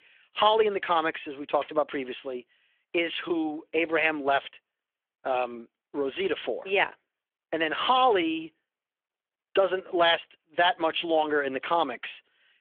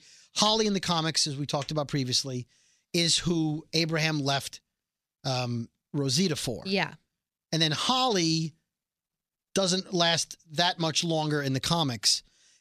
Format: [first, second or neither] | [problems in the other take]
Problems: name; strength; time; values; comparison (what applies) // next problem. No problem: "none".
second | phone-call audio; nothing above 3.5 kHz